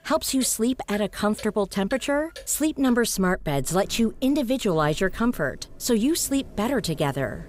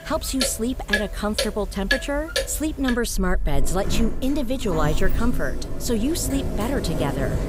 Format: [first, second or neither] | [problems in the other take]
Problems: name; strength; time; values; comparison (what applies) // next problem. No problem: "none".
first | household noises; loud; throughout; 2 dB below the speech; faint in the first